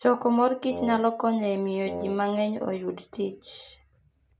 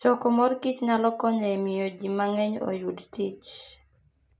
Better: second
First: background sound (Wind instrument, woodwind instrument); 10 dB below the speech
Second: none

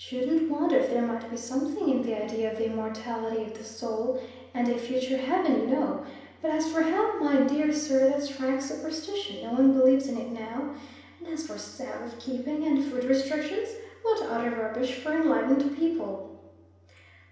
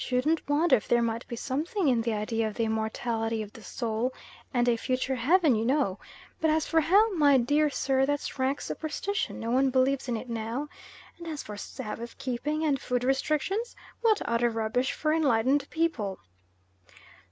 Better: second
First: room echo; dies away in 0.9 s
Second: none

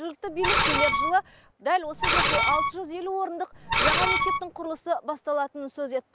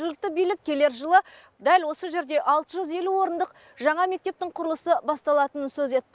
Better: second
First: background sound (Screech); 4 dB above the speech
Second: none

